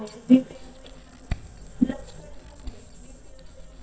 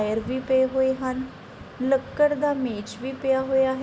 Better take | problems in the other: second | noise reduction (neural mask model DeepFilterNet 3)

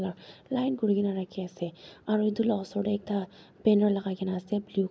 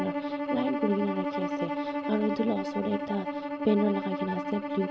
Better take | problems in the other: first | background sound (Bowed string instrument); 2 dB below the speech

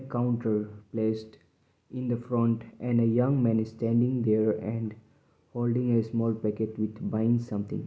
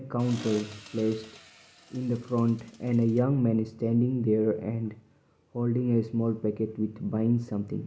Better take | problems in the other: first | background sound (Accelerating, revving, vroom); 20 dB below the speech

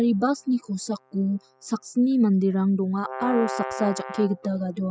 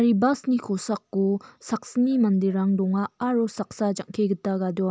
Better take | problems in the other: second | noise reduction (classical method spectral subtraction)

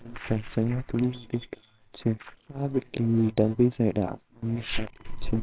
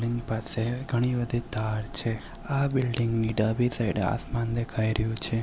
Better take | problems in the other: second | noise reduction (neural separator model SepFormer WHAMR!)

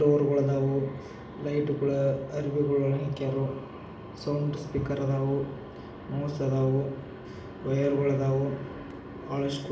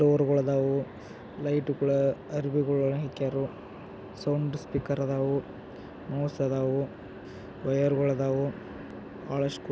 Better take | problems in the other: second | room echo; dies away in 0.9 s

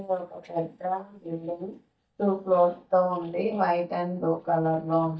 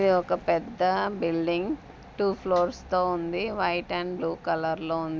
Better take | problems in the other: second | noise reduction (neural mask model DeepFilterNet 3)

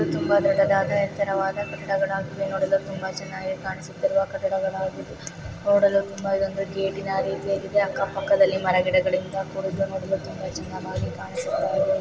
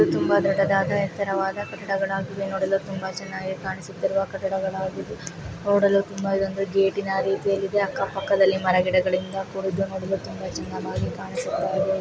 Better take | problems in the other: second | background sound (Bowed string instrument); 17 dB below the speech // room echo; dies away in 1.3 s

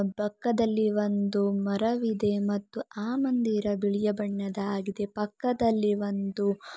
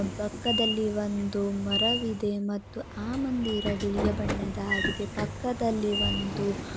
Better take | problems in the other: first | background sound (Sliding door / Train); 3 dB below the speech

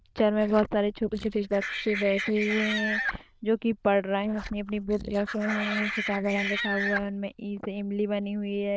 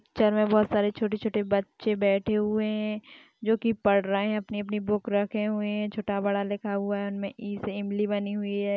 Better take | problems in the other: second | noise reduction (neural diffusion model UNIVERSE++)

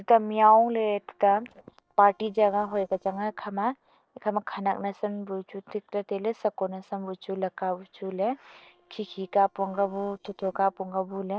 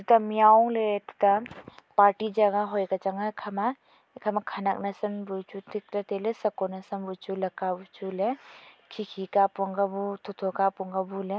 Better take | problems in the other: second | noise reduction (neural separator model SepFormer DNS4)

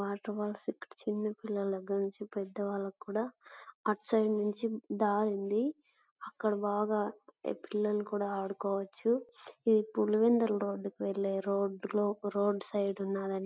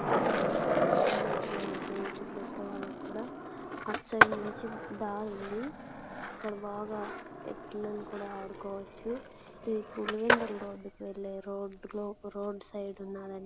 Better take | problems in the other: first | background sound (Skateboard); 5 dB above the speech

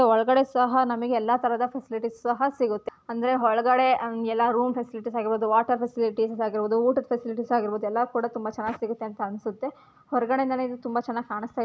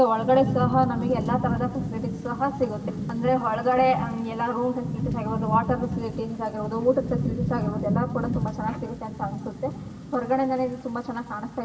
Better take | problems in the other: first | background sound (Rain / Thunderstorm); 4 dB below the speech // room echo; dies away in 1.3 s

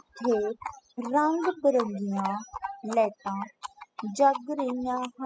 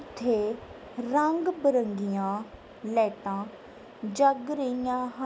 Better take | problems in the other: second | noise reduction (classical method spectral subtraction)

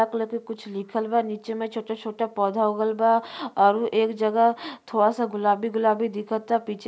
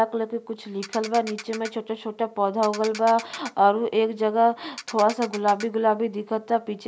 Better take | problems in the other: first | background sound (Ratchet, pawl); 15 dB below the speech

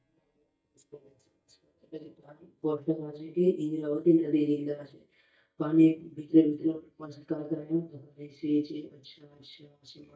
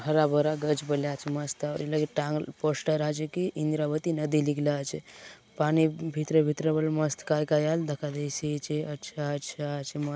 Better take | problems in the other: second | noise reduction (neural mask model DeepFilterNet 3)

